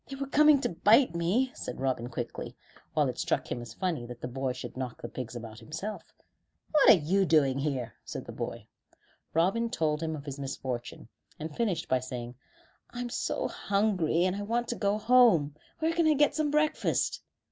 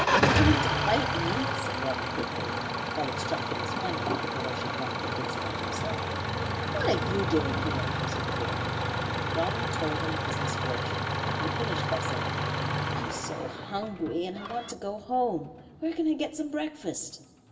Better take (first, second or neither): first